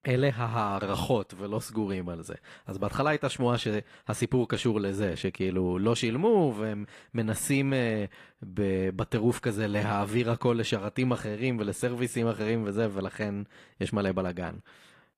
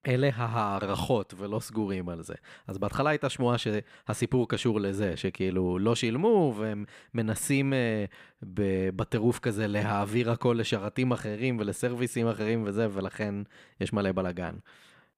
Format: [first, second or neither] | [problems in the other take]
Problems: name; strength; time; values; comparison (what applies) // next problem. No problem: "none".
second | garbled, watery; slightly